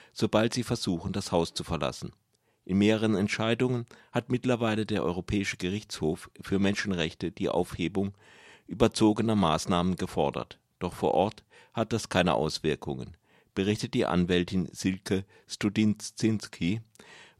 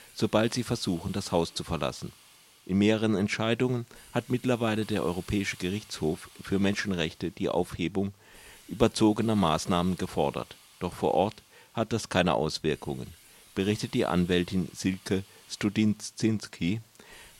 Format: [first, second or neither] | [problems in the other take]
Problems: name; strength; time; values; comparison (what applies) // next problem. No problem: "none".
first | hiss; faint; throughout; 25 dB below the speech